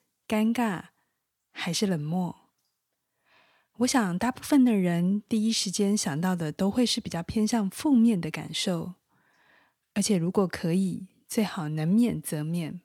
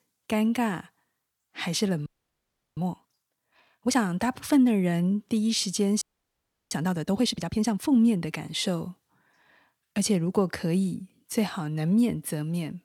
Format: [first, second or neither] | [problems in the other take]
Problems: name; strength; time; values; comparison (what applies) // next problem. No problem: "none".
first | audio freezing; at 2 s for 0.5 s and at 6 s for 0.5 s